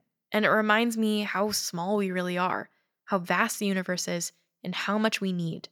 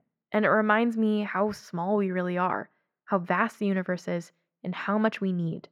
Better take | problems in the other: first | muffled; very; fading above 3 kHz

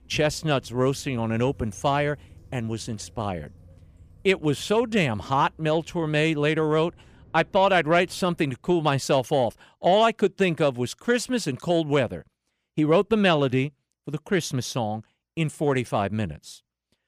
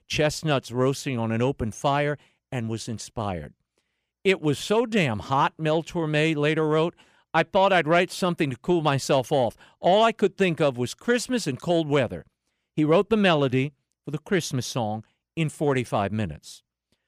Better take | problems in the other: second | rain or running water; faint; until 8.5 s; 25 dB below the speech

